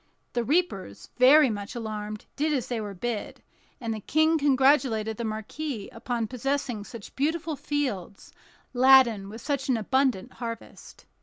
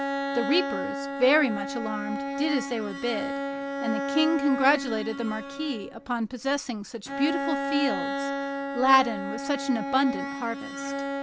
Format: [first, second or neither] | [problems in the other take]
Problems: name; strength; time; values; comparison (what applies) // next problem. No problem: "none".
first | background sound (Bowed string instrument); 4 dB below the speech